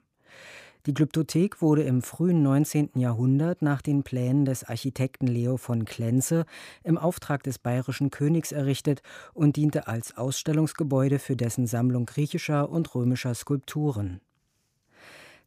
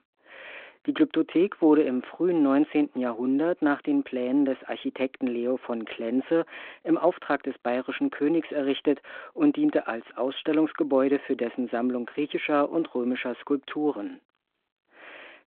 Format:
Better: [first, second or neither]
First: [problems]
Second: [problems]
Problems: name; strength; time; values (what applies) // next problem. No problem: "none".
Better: first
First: none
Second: phone-call audio; nothing above 8 kHz